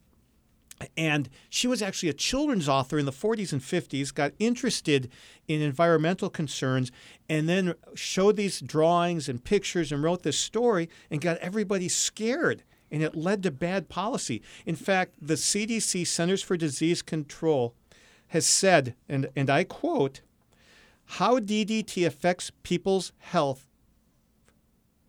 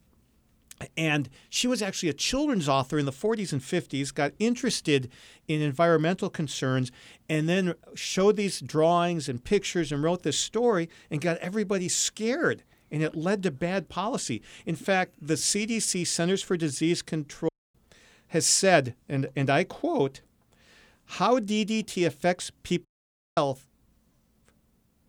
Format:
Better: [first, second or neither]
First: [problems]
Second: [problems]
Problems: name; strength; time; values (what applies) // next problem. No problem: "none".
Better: first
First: none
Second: audio cutting out; at 17 s and at 23 s for 0.5 s